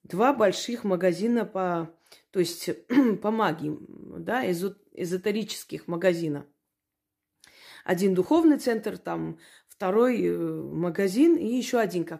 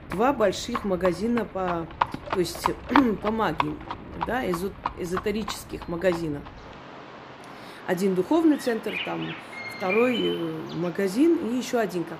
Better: first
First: none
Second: animal sounds; loud; throughout; 8 dB below the speech

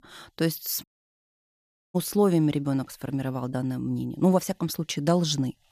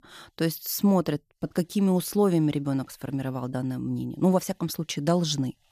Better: second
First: audio cutting out; at 1 s for 1 s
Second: none

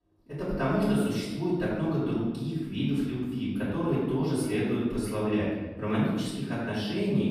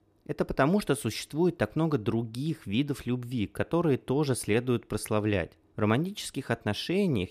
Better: second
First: room echo; strong; dies away in 1.3 s // off-mic speech; far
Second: none

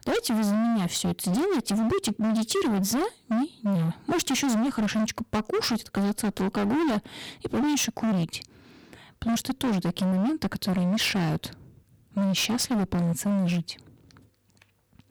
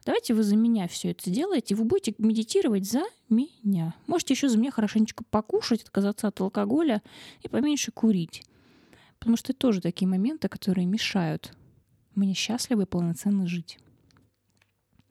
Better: second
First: distortion; heavy; 29% of the sound clipped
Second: none

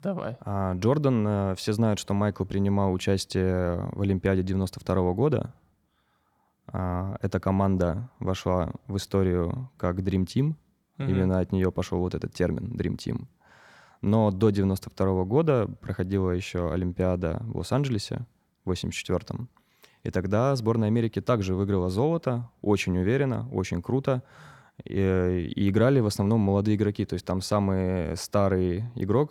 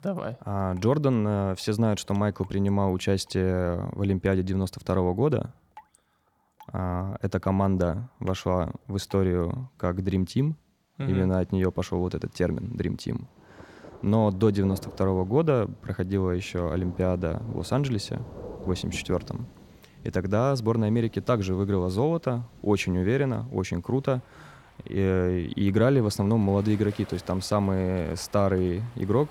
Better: first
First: none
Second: rain or running water; faint; throughout; 20 dB below the speech

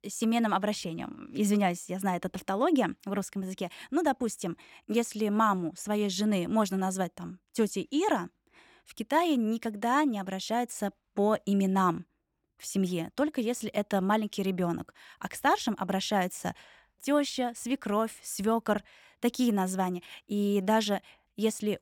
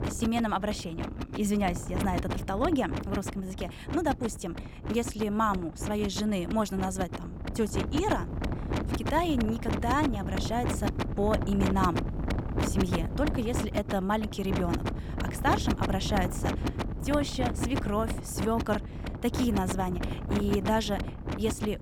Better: first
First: none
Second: wind noise on the microphone; heavy; 6 dB below the speech

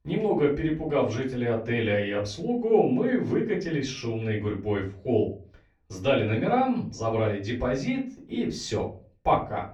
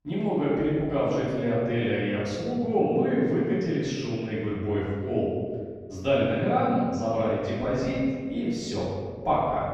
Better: first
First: room echo; slight; dies away in 0.3 s // off-mic speech; far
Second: room echo; strong; dies away in 1.8 s // off-mic speech; far

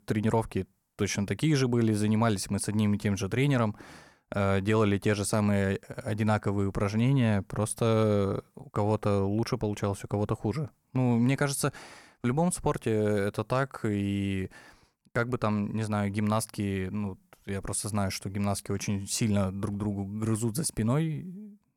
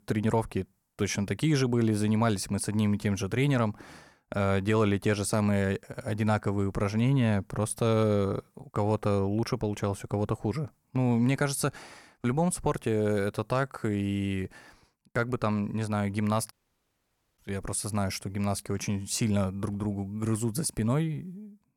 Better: first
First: none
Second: audio cutting out; at 17 s for 1 s

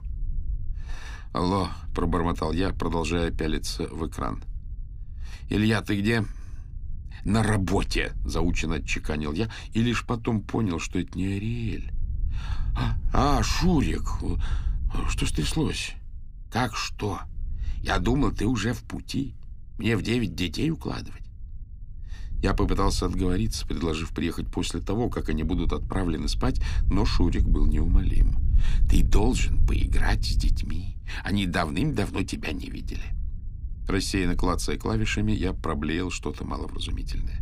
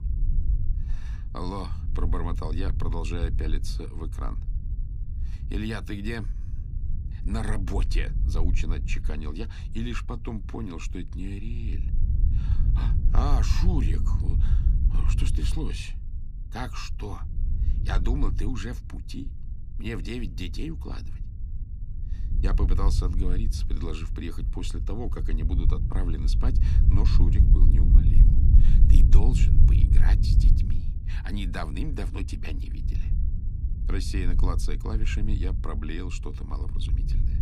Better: first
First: low rumble; faint; throughout; 20 dB below the speech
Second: low rumble; loud; throughout; 7 dB below the speech

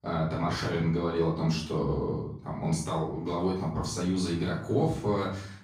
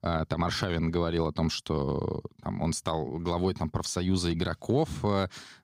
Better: second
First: off-mic speech; far // room echo; noticeable; dies away in 0.5 s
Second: none

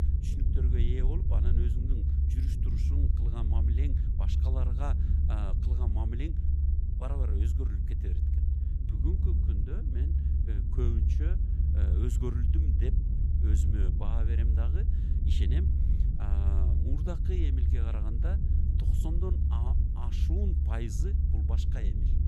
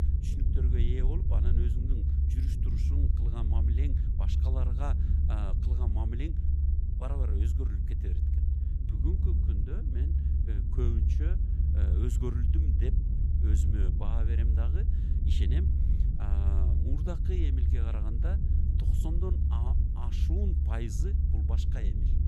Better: neither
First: low rumble; loud; throughout; as loud as the speech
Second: low rumble; loud; throughout; as loud as the speech

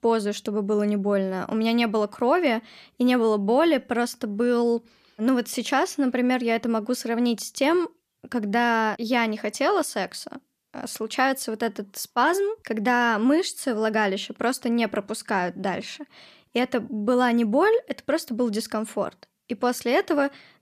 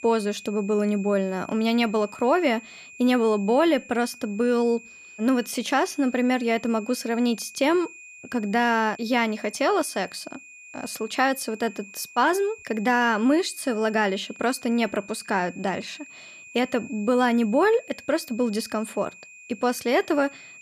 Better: first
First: none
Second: high-pitched whine; noticeable; throughout; 2.5 kHz, 20 dB below the speech

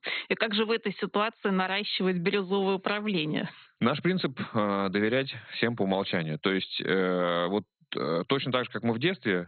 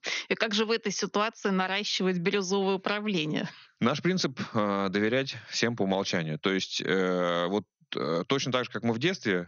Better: second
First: garbled, watery; badly; nothing above 4 kHz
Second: garbled, watery; slightly; nothing above 6.5 kHz

